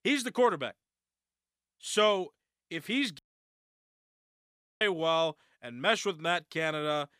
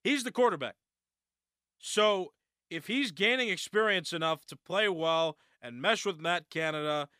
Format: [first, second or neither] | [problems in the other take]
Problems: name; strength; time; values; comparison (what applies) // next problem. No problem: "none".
second | audio cutting out; at 3 s for 1.5 s